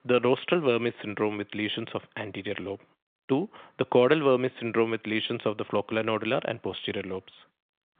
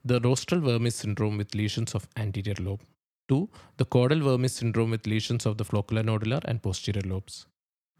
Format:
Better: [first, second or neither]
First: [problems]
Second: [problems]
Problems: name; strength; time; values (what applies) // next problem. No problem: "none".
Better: second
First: phone-call audio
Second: none